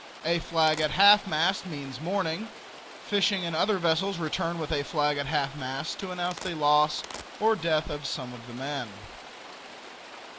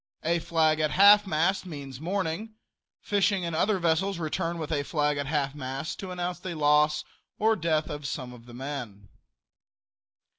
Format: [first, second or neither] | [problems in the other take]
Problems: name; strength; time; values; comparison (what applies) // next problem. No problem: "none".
second | background sound (Domestic sounds, home sounds + Rain); 15 dB below the speech